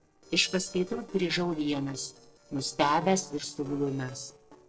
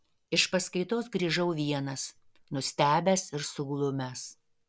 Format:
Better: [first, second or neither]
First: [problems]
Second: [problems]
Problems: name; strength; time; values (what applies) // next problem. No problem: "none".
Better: second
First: noise reduction (neural separator model SepFormer DNS4)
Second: none